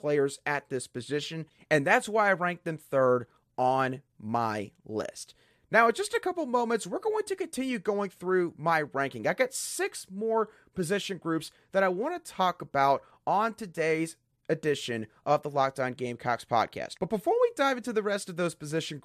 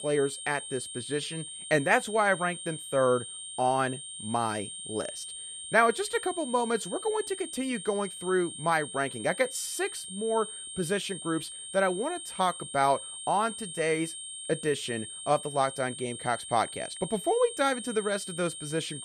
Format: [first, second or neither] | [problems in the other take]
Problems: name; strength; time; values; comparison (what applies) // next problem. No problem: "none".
first | high-pitched whine; loud; throughout; 8.5 kHz, 9 dB below the speech